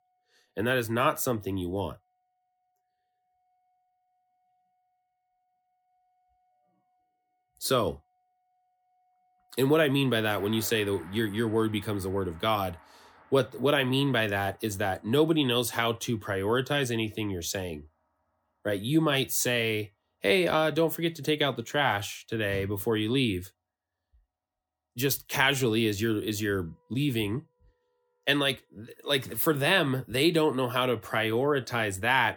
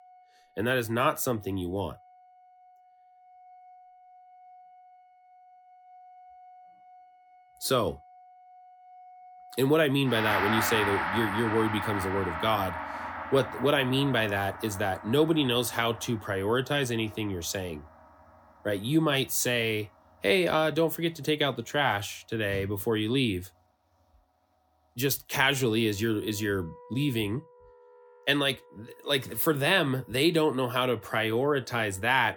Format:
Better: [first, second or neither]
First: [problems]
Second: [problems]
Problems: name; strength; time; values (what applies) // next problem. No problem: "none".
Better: first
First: background music; faint; throughout; 25 dB below the speech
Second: background music; loud; throughout; 6 dB below the speech